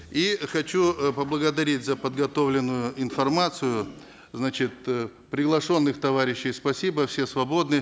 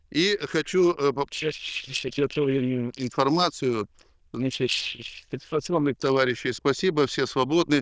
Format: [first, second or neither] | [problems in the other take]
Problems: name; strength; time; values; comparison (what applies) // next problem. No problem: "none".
first | noise reduction (neural diffusion model UNIVERSE++)